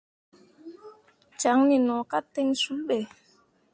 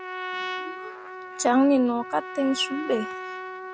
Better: first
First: none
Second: background sound (Trumpet); 9 dB below the speech

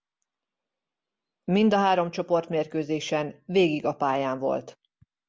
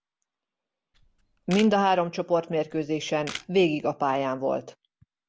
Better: first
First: none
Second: background sound (Camera); 16 dB below the speech

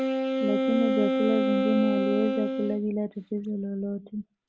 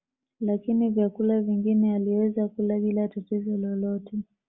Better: second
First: background sound (Wind instrument, woodwind instrument); 1 dB above the speech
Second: none

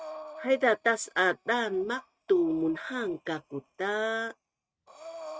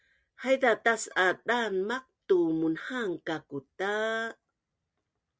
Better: second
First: noise reduction (neural mask model RNNoise)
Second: none

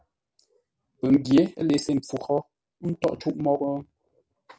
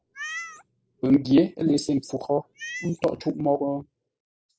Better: first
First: none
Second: noise reduction (neural mask model Resemble Enhance denoiser)

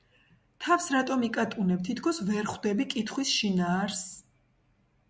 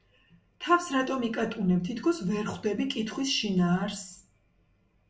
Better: first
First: none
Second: room echo; dies away in 0.3 s

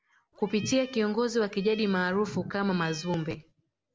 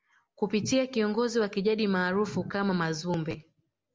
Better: second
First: background sound (Cat); 20 dB below the speech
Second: none

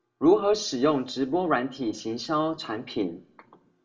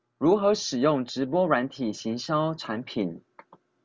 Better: second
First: room echo; dies away in 0.4 s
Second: none

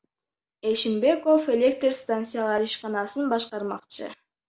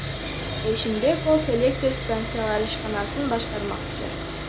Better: first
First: none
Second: background sound (Sawing); 5 dB below the speech

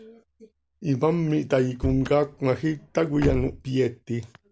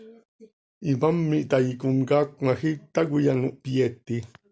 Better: second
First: background sound (Slam / Car); 11 dB below the speech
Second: none

